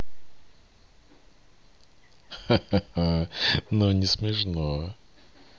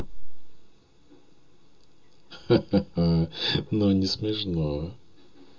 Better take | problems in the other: first | room echo; dies away in 0.2 s

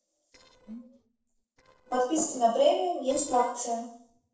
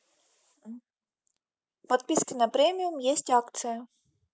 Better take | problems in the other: second | noise reduction (neural separator model SepFormer DNS4)

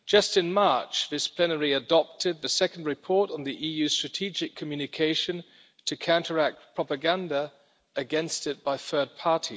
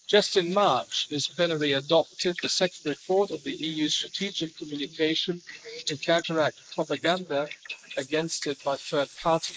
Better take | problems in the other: first | noise reduction (neural mask model Resemble Enhance denoiser)

